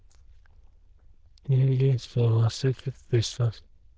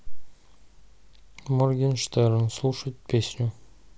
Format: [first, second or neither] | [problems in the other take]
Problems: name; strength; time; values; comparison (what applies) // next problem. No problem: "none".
second | noise reduction (neural diffusion model UNIVERSE++)